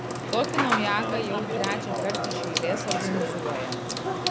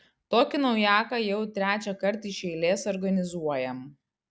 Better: second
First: background sound (Sink (filling or washing) / Water tap, faucet / Water); 2 dB above the speech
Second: none

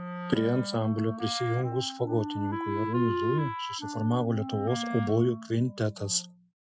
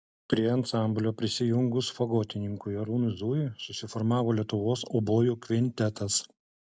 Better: second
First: noise reduction (classical method Wiener filter)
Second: none

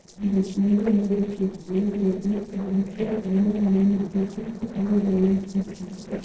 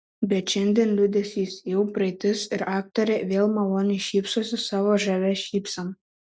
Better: second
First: noise reduction (neural separator model SepFormer DNS4)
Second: none

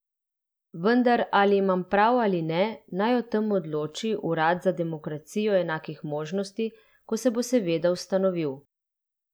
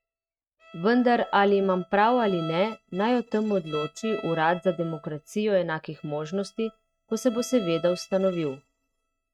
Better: first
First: none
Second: noise reduction (neural mask model RNNoise)

